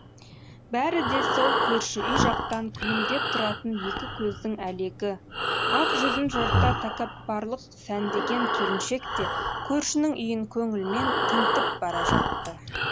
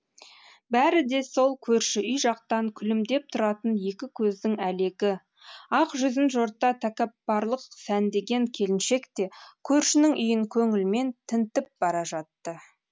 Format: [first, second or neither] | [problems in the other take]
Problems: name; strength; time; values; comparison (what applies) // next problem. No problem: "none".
second | background sound (Breathing); 2 dB above the speech